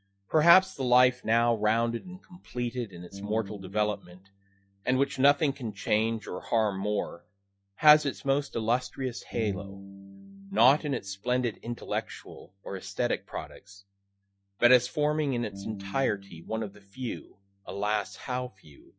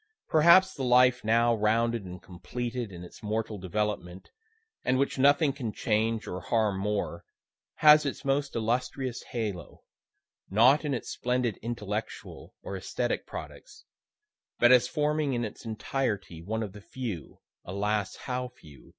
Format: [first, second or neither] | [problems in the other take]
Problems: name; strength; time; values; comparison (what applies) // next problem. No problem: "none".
second | noise reduction (classical method log-MMSE)